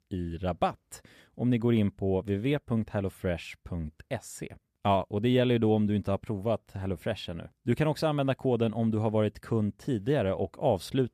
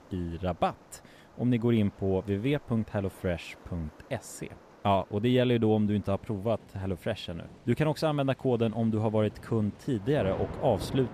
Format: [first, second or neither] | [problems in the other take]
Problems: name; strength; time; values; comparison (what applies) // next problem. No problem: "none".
first | rain or running water; noticeable; throughout; 20 dB below the speech